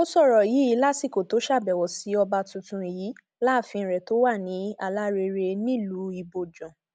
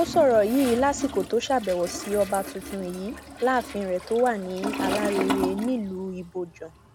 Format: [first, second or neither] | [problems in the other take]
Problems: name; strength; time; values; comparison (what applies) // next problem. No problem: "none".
first | background sound (Toilet flush); 8 dB below the speech